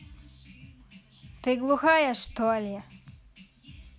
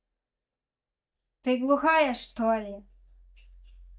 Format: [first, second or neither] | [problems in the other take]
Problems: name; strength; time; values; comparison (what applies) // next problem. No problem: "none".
first | noise reduction (neural mask model DeepFilterNet 3)